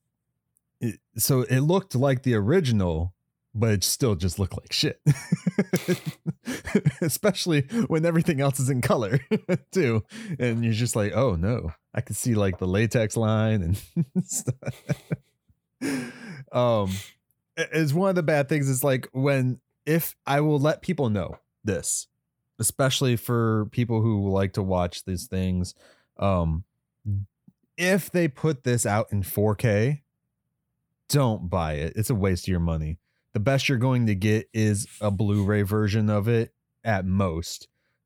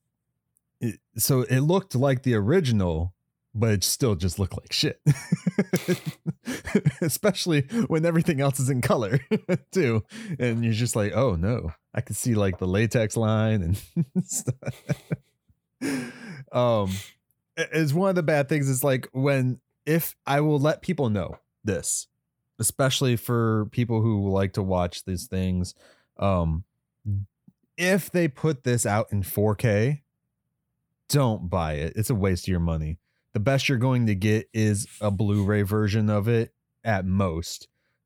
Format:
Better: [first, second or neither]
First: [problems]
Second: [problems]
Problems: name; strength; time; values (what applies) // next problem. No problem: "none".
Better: neither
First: none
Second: none